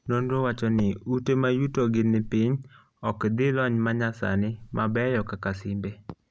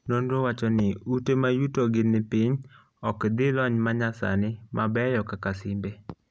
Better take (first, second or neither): second